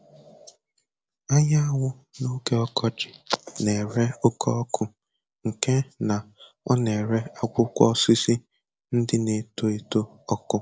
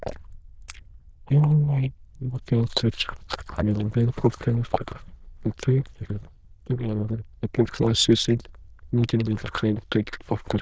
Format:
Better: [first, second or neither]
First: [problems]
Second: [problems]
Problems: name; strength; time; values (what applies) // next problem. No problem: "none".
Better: first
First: none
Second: noise reduction (neural diffusion model UNIVERSE++)